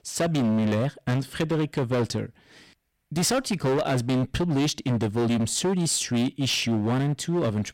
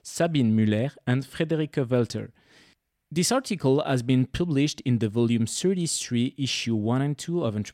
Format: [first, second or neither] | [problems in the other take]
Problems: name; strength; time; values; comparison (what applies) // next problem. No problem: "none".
second | distortion; heavy; 20% of the sound clipped